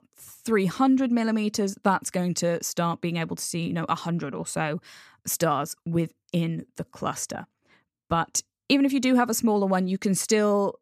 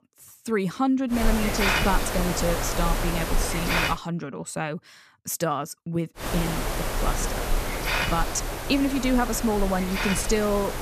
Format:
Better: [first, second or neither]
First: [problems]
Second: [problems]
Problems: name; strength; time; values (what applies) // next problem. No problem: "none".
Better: first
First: none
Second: hiss; loud; from 1 to 4 s and from 6 s on; as loud as the speech